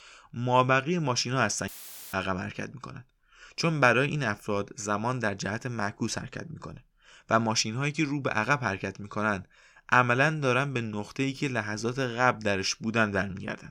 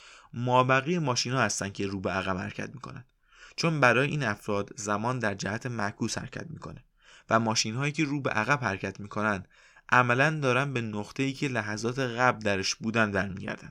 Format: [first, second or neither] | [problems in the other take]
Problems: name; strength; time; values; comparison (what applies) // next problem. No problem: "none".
second | audio cutting out; filled with static; at 1.5 s